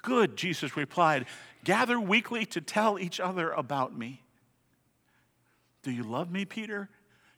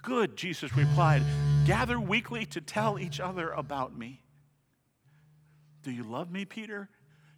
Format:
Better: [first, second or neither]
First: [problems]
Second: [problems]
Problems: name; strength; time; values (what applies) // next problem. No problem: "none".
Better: first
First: none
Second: alarms or sirens; very loud; throughout; 4 dB above the speech